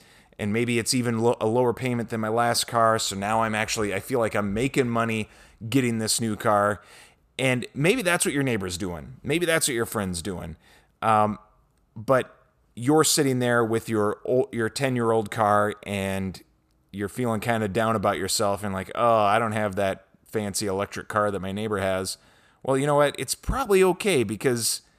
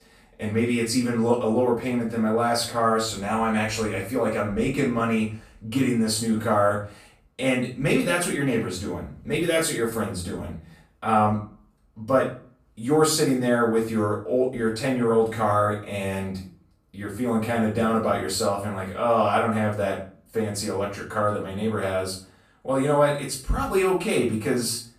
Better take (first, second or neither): first